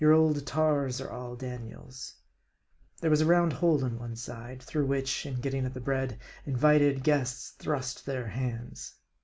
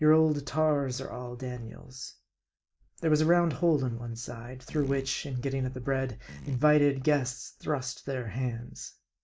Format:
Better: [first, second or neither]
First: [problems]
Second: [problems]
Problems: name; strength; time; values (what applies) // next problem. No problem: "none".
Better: first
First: none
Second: noise reduction (neural mask model DeepFilterNet 3)